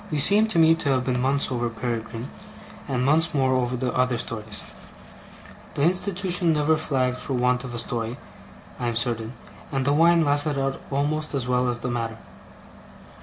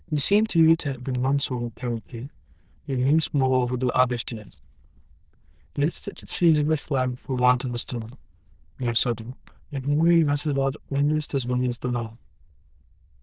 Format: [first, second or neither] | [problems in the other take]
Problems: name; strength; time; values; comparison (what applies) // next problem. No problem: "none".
first | noise reduction (neural diffusion model UNIVERSE++)